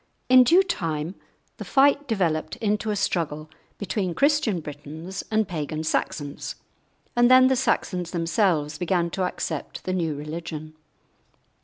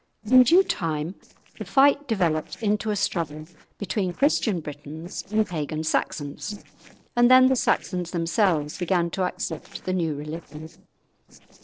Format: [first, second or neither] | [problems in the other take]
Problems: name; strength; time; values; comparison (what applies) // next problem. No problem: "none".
first | noise reduction (neural separator model SepFormer DNS4)